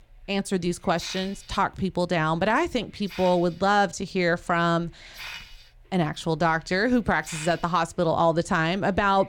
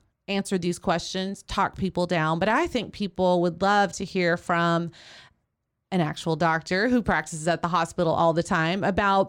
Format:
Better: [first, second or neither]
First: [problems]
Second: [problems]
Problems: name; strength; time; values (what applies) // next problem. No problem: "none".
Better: second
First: hiss; noticeable; throughout; 15 dB below the speech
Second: none